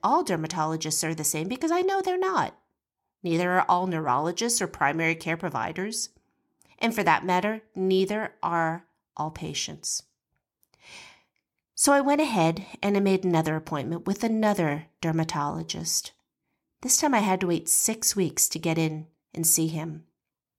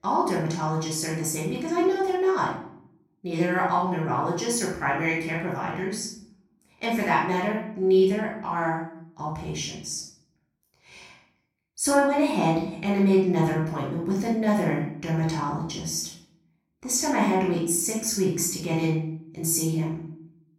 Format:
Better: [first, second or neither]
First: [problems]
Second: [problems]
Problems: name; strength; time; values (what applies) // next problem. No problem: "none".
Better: first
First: none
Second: off-mic speech; far // room echo; noticeable; dies away in 0.6 s